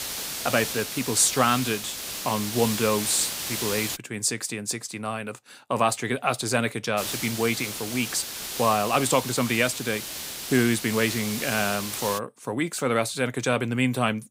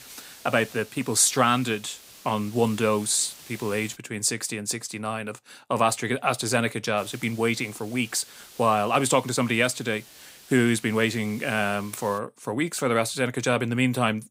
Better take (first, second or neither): second